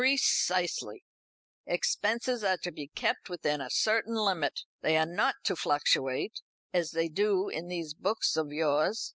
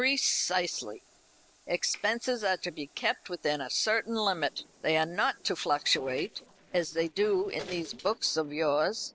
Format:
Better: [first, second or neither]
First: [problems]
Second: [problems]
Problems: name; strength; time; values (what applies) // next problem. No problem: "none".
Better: first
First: none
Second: noise reduction (neural separator model SepFormer DNS4)